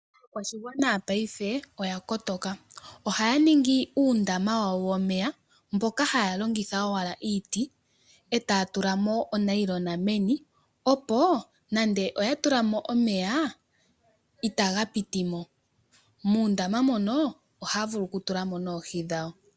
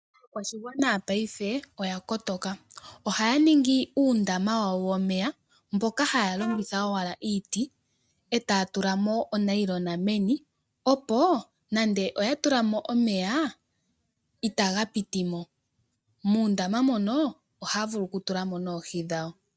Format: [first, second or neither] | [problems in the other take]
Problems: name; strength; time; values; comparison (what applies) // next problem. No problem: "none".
first | noise reduction (neural mask model RNNoise)